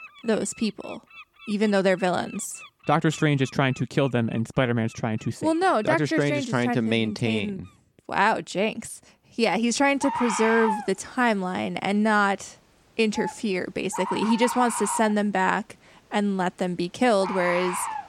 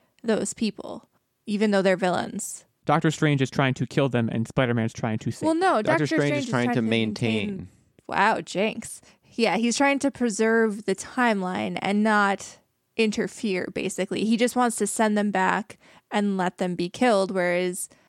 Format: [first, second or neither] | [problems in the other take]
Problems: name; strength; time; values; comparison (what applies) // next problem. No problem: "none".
second | animal sounds; loud; throughout; 9 dB below the speech